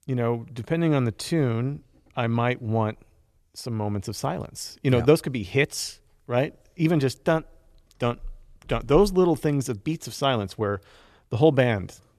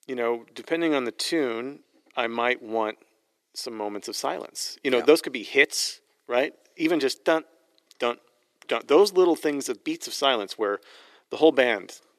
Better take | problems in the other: first | thin; somewhat; fading below 300 Hz

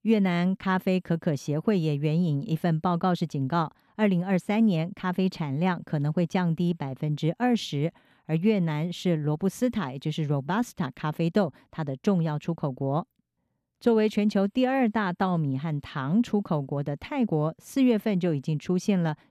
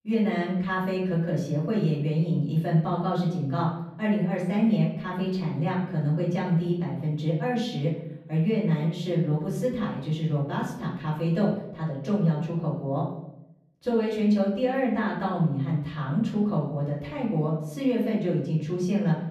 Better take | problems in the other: first | off-mic speech; far // room echo; noticeable; dies away in 0.7 s

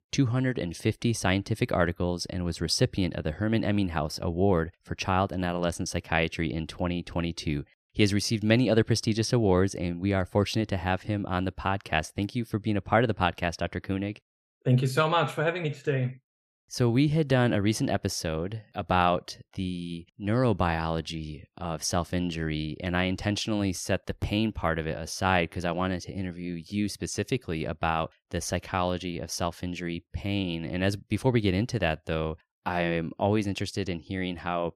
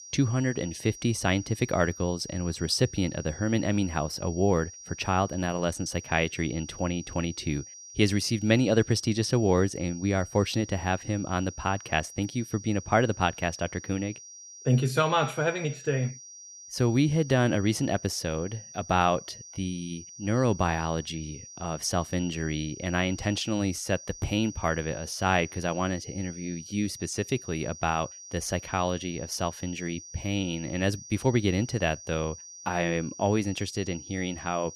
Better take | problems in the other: first | high-pitched whine; noticeable; throughout; 5.5 kHz, 15 dB below the speech

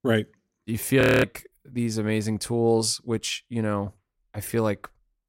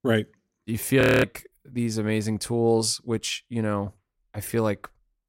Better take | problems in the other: neither | audio freezing; at 1 s; the same in both

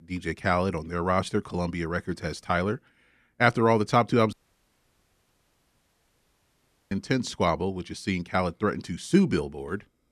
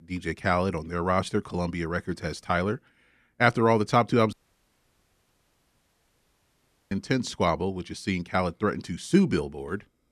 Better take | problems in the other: neither | audio cutting out; at 4.5 s for 2.5 s; the same in both

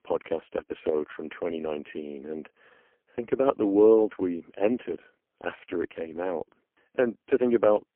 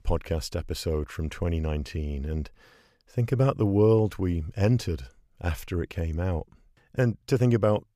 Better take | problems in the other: second | phone-call audio; poor line

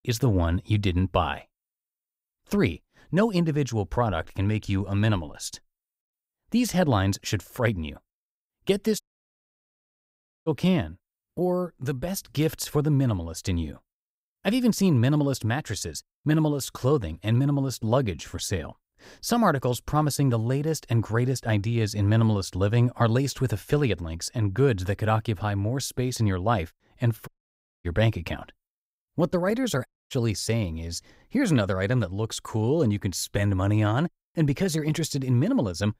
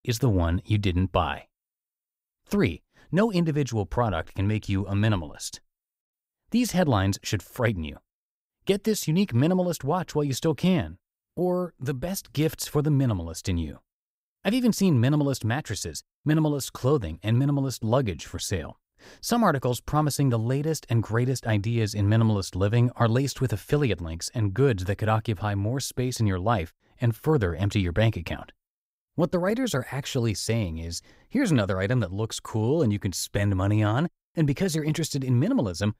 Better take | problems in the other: second | audio cutting out; at 9 s for 1.5 s, at 27 s for 0.5 s and at 30 s

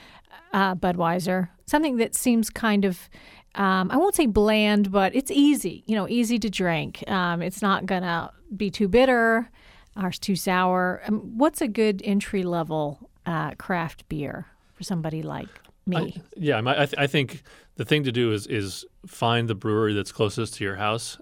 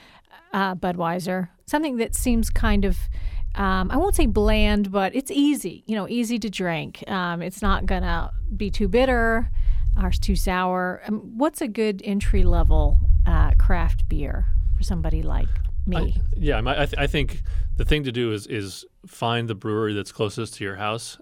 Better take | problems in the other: first | low rumble; faint; from 2 to 4.5 s, from 7.5 to 11 s and from 12 to 18 s; 20 dB below the speech

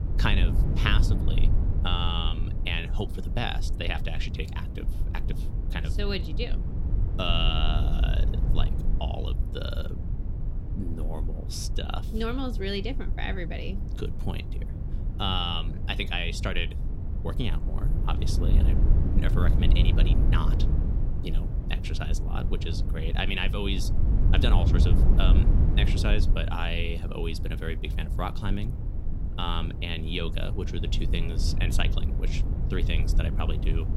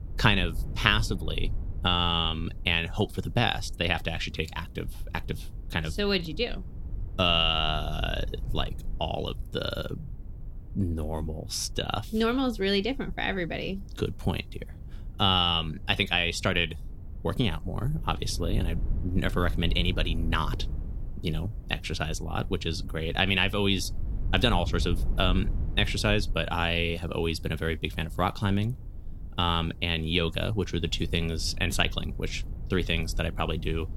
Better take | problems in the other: second | low rumble; loud; throughout; 9 dB below the speech; faint in the second

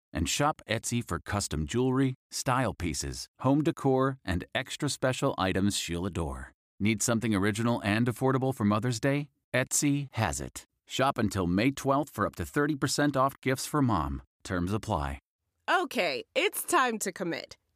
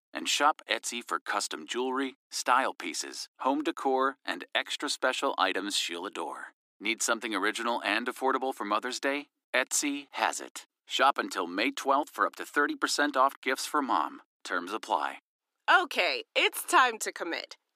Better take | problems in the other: first | thin; somewhat; fading below 300 Hz

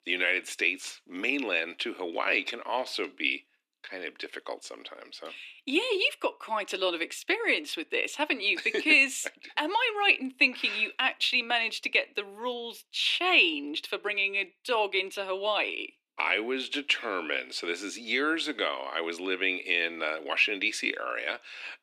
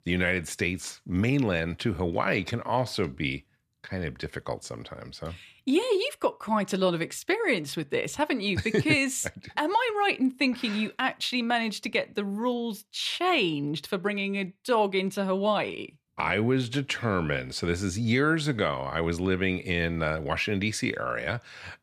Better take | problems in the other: second | thin; somewhat; fading below 300 Hz

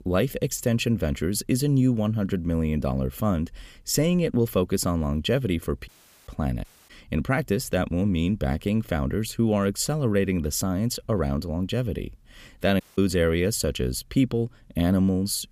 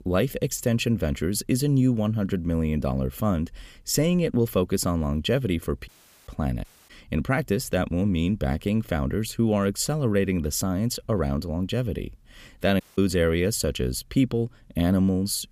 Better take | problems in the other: neither | audio cutting out; at 6 s, at 6.5 s and at 13 s; the same in both

